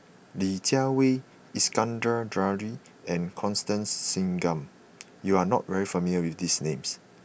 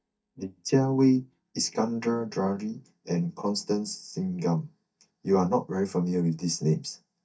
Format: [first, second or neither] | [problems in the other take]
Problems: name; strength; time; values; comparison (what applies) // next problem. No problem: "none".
first | noise reduction (neural mask model DeepFilterNet 3)